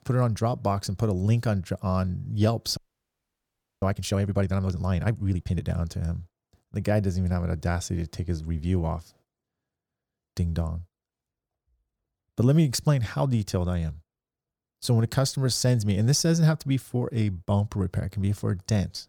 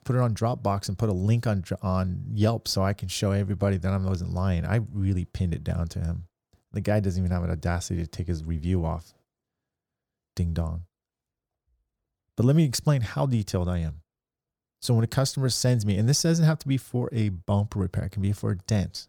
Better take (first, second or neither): second